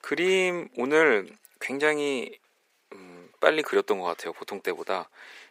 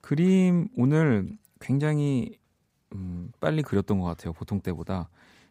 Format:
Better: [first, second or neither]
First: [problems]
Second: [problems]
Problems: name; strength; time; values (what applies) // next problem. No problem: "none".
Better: second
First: thin; very; fading below 400 Hz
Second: none